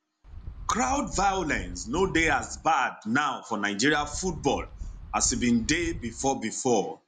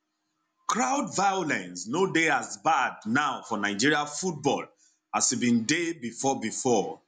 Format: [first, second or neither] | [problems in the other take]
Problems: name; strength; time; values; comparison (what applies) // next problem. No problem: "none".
second | background sound (Wind); 12 dB below the speech